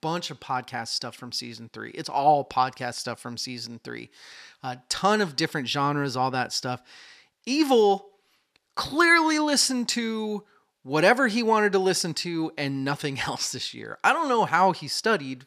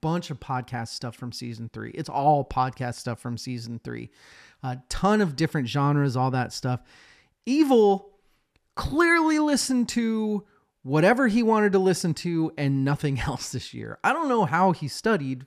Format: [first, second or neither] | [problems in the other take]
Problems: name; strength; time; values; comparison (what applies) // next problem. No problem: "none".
second | thin; very slightly; fading below 950 Hz